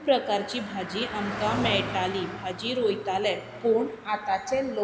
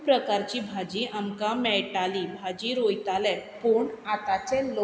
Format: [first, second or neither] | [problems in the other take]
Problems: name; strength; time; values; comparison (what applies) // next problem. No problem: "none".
second | background sound (Car passing by); 10 dB below the speech